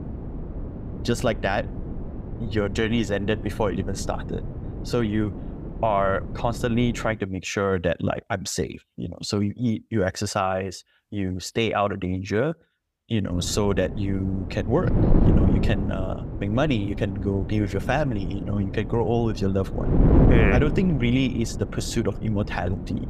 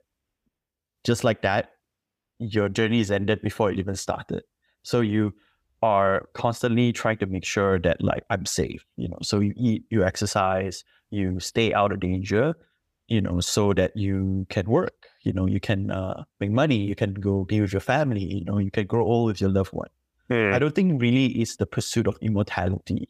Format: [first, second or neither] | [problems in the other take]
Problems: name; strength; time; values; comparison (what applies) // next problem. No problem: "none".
second | wind noise on the microphone; heavy; until 7 s and from 13 s on; 8 dB below the speech